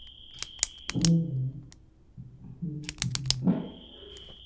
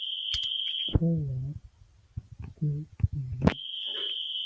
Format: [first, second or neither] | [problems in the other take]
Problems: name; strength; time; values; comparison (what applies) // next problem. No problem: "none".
second | background sound (Tick); 7 dB below the speech // room echo; dies away in 0.8 s